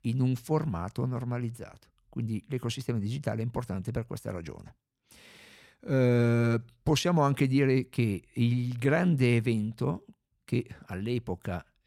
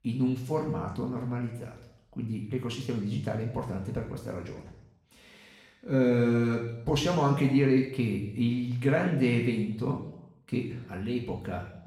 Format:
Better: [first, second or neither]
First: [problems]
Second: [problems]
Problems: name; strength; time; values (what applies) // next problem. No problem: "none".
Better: first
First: none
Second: room echo; noticeable; dies away in 0.8 s // off-mic speech; far